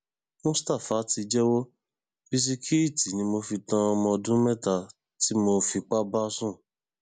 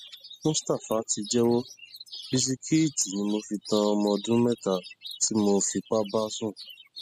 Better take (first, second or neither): first